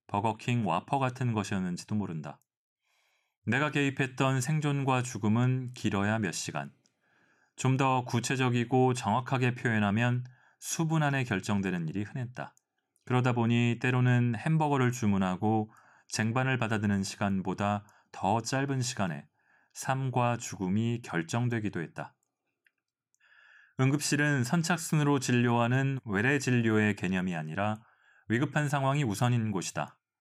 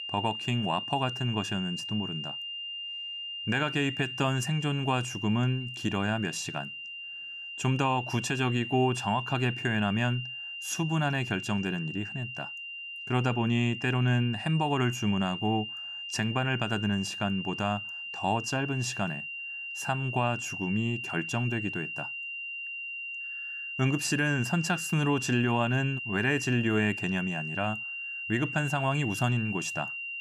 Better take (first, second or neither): first